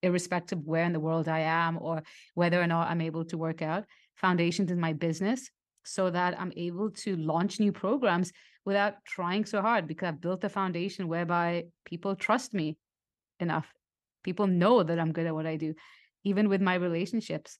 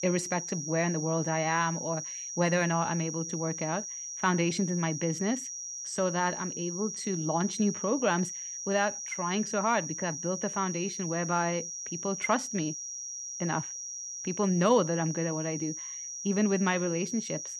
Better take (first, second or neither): first